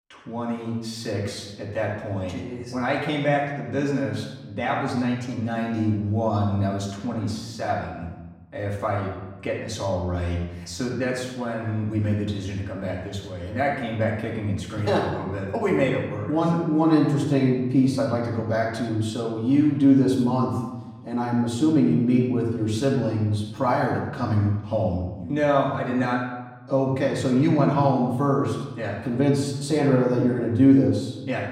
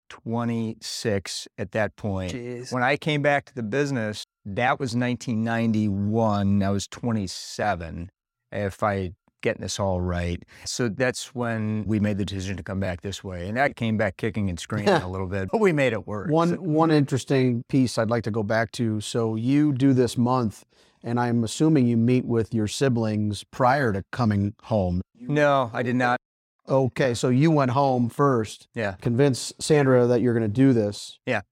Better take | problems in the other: second | off-mic speech; far // room echo; noticeable; dies away in 1 s

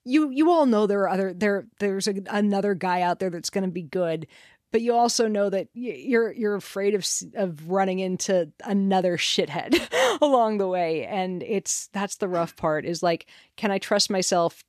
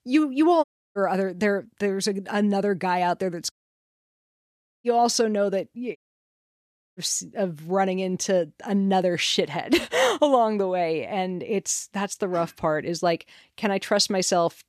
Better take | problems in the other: first | audio cutting out; at 0.5 s, at 3.5 s for 1.5 s and at 6 s for 1 s

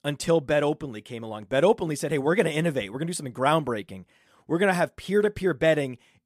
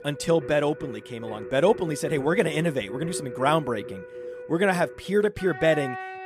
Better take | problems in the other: first | background music; noticeable; throughout; 10 dB below the speech

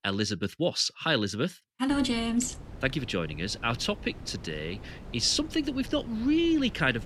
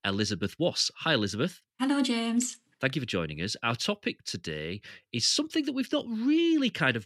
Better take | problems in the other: second | wind noise on the microphone; occasional gusts; from 2 s on; 20 dB below the speech

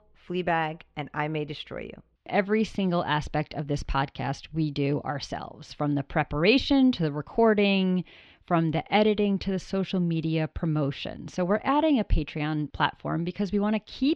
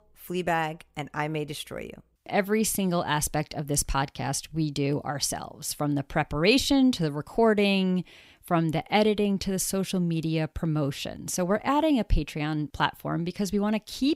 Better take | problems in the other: second | muffled; slightly; fading above 4 kHz

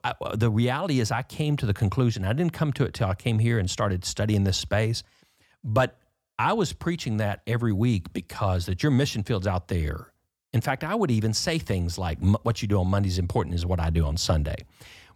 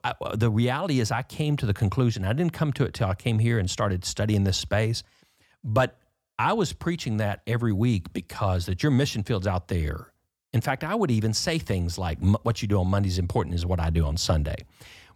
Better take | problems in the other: neither | none

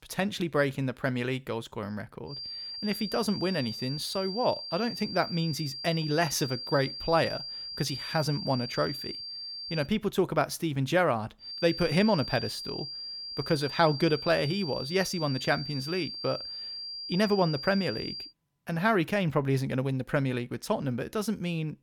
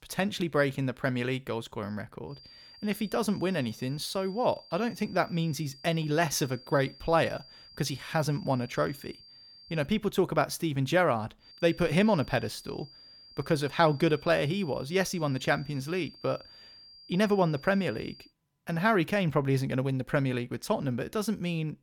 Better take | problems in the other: second | high-pitched whine; loud; from 2.5 to 10 s and from 11 to 18 s; 4.5 kHz, 7 dB below the speech; faint in the second

